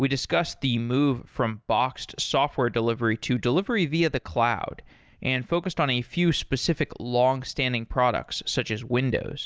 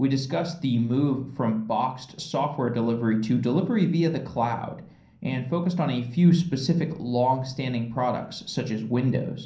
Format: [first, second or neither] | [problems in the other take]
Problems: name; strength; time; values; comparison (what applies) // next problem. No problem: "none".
first | room echo; dies away in 0.6 s